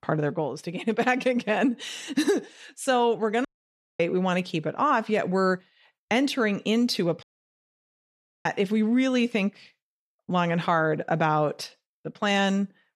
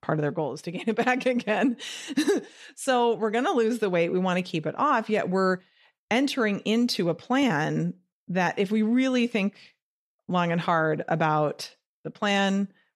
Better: second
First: audio cutting out; at 3.5 s for 0.5 s and at 7 s for 1 s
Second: none

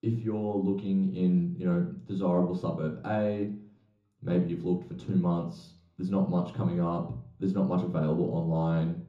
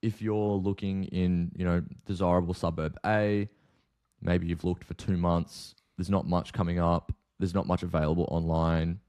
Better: second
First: room echo; slight; dies away in 0.7 s // off-mic speech; far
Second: none

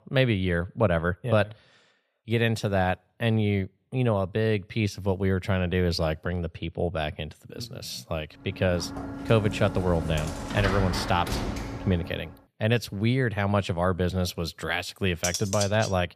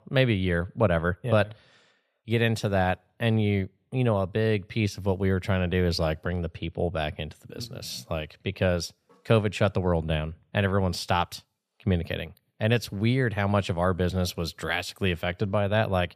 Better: second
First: door banging; noticeable; from 8.5 to 12 s; peak 2 dB below the speech // clattering dishes; noticeable; at 15 s; peak 3 dB below the speech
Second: none

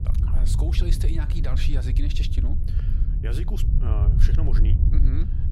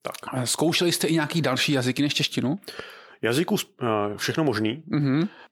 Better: second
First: low rumble; loud; throughout; 2 dB below the speech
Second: none

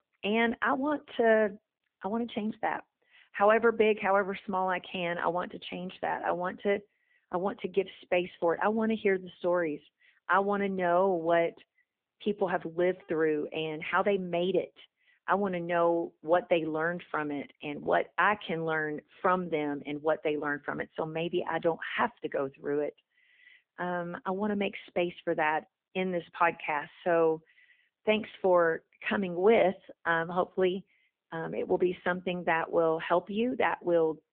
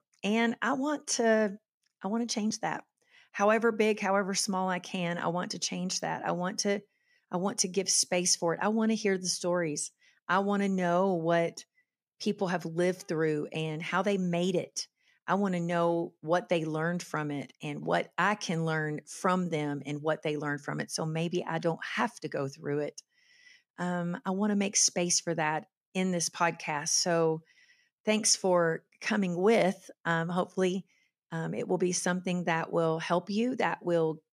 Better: second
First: phone-call audio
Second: none

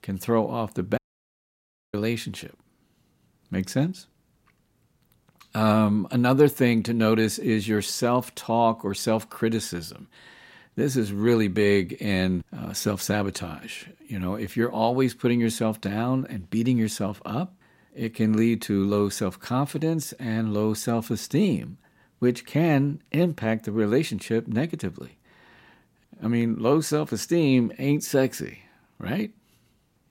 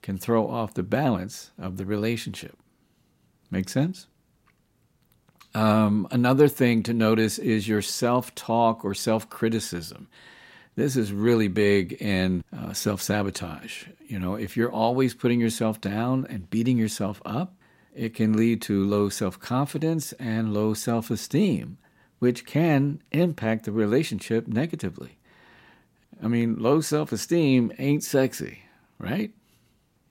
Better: second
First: audio cutting out; at 1 s for 1 s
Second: none

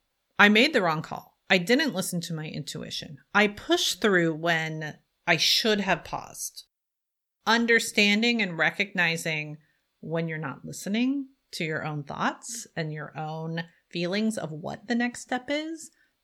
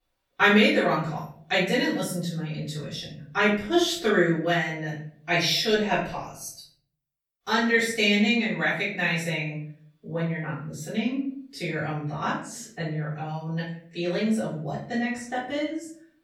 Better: first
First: none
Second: off-mic speech; far // room echo; noticeable; dies away in 0.5 s

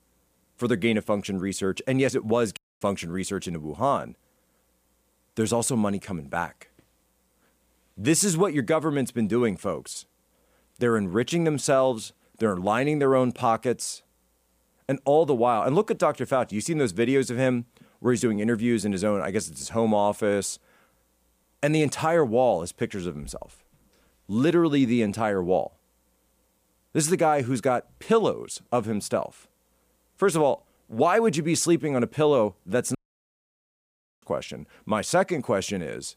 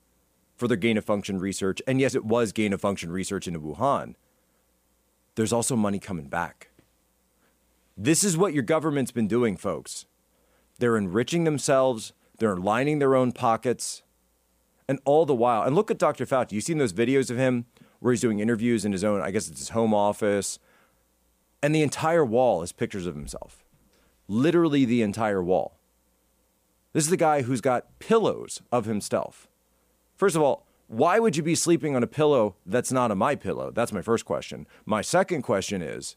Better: second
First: audio cutting out; at 2.5 s and at 33 s for 1.5 s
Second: none

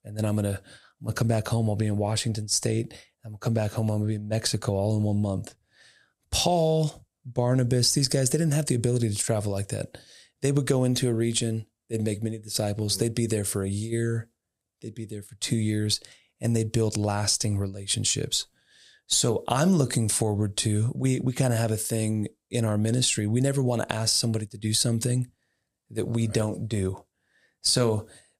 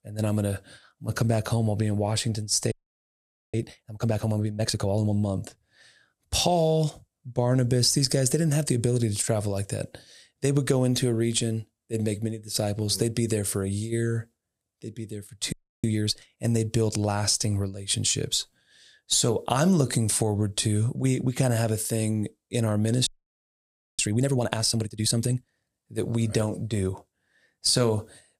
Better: first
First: none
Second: audio freezing; at 2.5 s for 1 s, at 16 s and at 23 s for 1 s

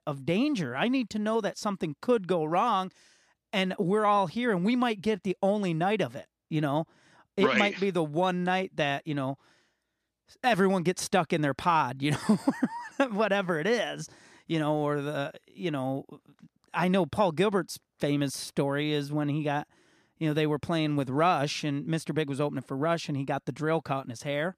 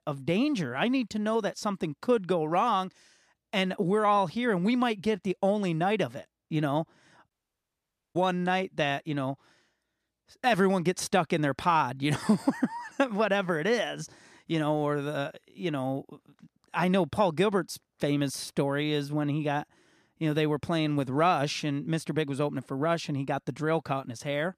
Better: first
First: none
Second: audio cutting out; at 7.5 s for 1 s

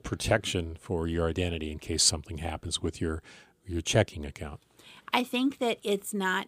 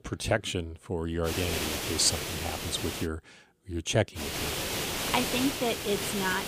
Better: first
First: none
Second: hiss; loud; from 1.5 to 3 s and from 4 s on; 1 dB below the speech

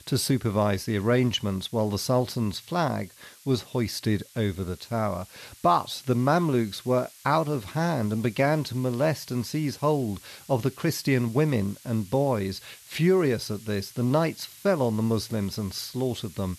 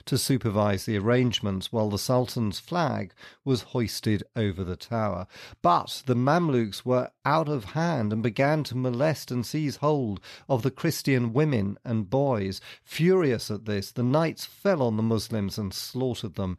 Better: second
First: hiss; faint; throughout; 20 dB below the speech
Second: none

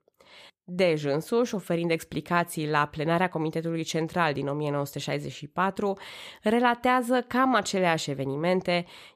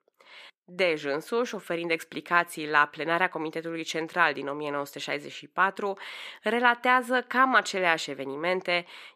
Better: first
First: none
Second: thin; somewhat; fading below 300 Hz

